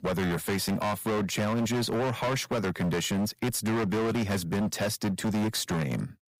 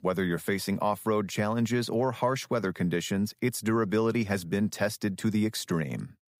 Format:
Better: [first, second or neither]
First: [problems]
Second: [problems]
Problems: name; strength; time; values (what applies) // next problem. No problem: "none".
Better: second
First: distortion; heavy; 30% of the sound clipped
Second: none